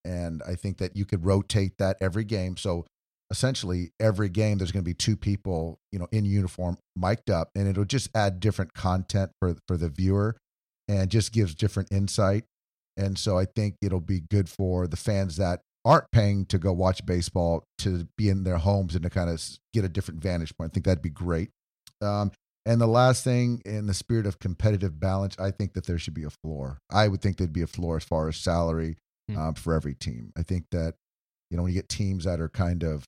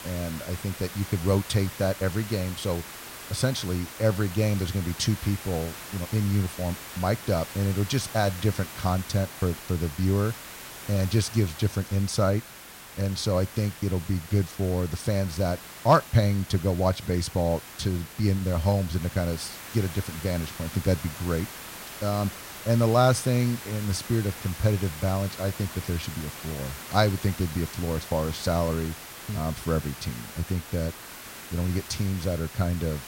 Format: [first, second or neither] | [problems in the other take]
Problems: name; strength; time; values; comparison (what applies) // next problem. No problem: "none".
first | hiss; noticeable; throughout; 10 dB below the speech